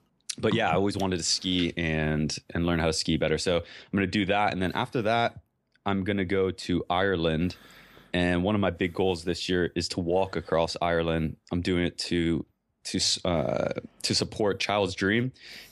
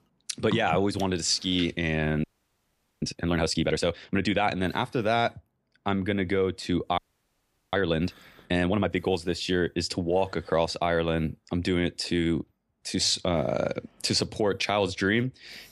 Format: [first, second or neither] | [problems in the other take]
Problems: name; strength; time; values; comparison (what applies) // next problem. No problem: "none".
first | audio freezing; at 2 s for 1 s and at 7 s for 1 s